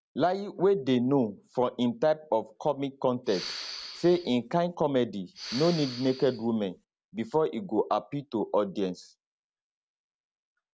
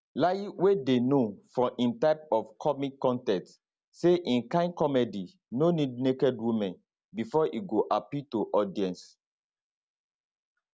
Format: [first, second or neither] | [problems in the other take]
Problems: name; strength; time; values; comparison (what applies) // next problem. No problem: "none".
second | background sound (Respiratory sounds); 12 dB below the speech